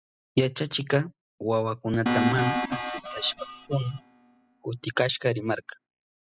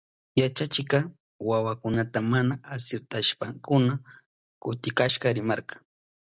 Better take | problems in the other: second | noise reduction (classical method spectral subtraction)

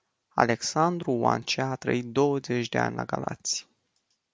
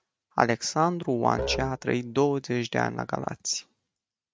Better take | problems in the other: first | noise reduction (neural mask model RNNoise)

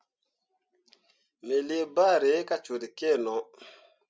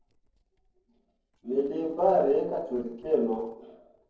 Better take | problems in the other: first | noise reduction (neural separator model SepFormer DNS4)

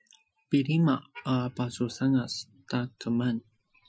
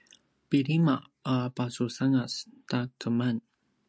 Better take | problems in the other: second | noise reduction (classical method Wiener filter)

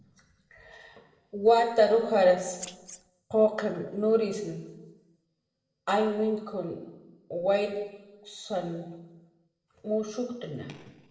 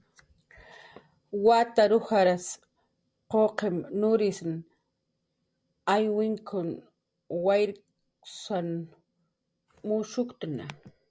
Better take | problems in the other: second | noise reduction (neural separator model SepFormer DNS4)

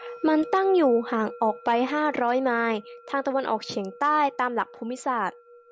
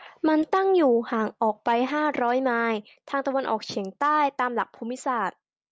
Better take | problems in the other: second | background sound (Musical instrument); 18 dB below the speech

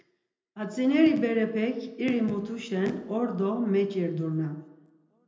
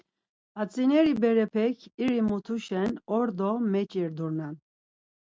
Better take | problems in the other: second | room echo; dies away in 0.9 s

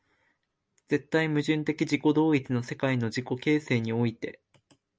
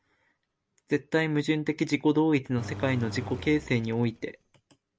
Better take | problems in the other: first | background sound (Engine); 12 dB below the speech

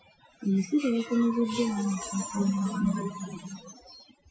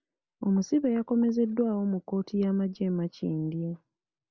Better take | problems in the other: second | noise reduction (classical method Wiener filter)

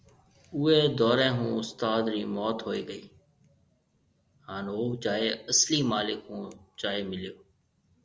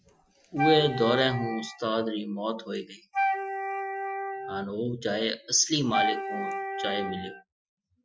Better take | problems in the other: first | noise reduction (classical method Wiener filter)

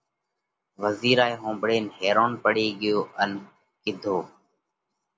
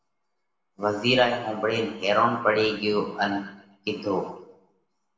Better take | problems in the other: first | room echo; dies away in 0.8 s

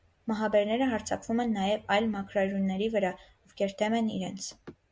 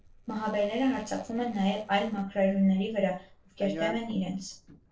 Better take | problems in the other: first | noise reduction (neural separator model SepFormer DNS4)

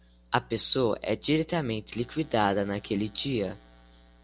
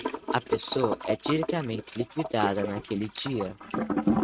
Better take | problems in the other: first | noise reduction (neural mask model RNNoise)

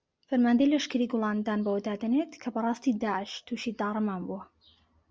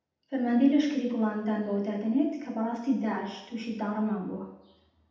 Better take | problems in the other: first | room echo; dies away in 0.8 s

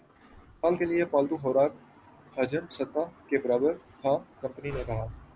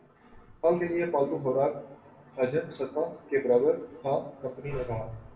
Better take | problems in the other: first | room echo; dies away in 0.6 s

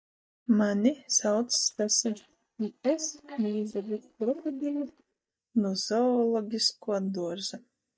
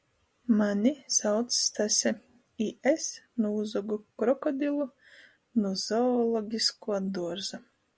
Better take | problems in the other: second | noise reduction (neural mask model DeepFilterNet 3)

